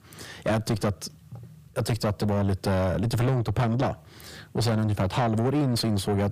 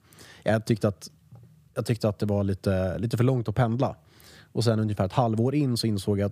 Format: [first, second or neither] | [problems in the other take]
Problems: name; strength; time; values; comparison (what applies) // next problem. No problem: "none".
second | distortion; heavy; 6 dB below the speech